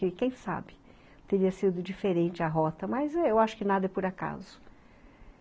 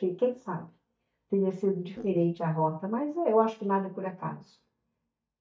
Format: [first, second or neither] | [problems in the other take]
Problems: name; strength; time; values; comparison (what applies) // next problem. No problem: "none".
first | noise reduction (neural mask model DeepFilterNet 3)